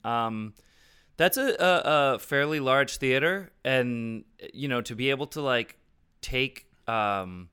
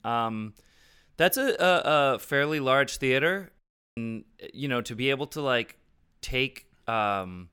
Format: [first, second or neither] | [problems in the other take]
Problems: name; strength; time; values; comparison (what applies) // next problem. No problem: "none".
first | audio cutting out; at 3.5 s